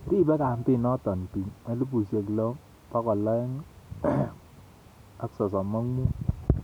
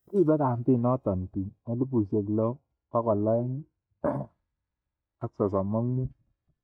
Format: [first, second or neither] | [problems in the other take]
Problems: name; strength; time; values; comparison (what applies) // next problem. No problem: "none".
first | noise reduction (neural mask model DeepFilterNet 3)